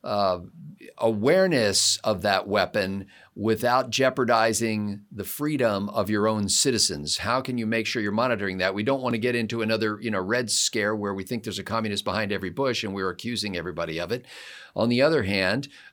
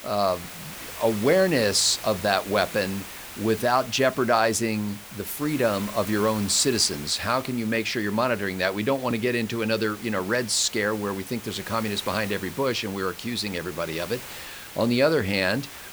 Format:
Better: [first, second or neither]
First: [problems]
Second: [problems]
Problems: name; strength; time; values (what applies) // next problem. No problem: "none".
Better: first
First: none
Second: hiss; noticeable; throughout; 15 dB below the speech